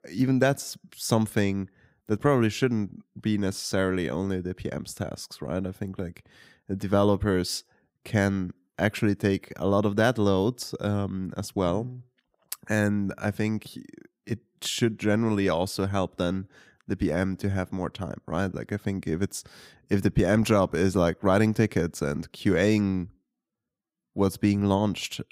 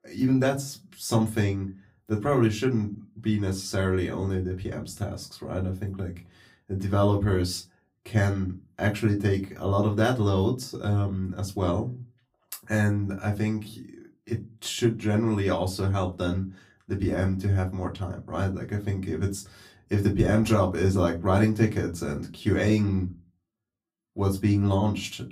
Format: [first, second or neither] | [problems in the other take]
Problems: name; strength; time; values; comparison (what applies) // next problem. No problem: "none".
first | off-mic speech; far // room echo; very slight; dies away in 0.2 s